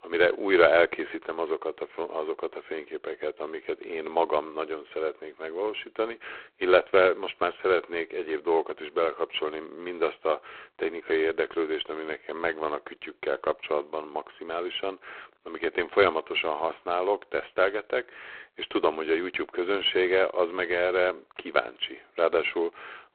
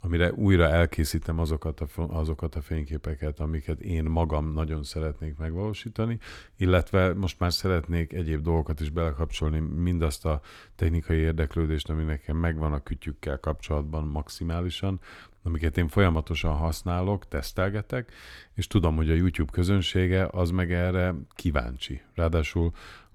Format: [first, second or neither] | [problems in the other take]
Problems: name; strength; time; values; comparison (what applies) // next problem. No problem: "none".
second | phone-call audio; poor line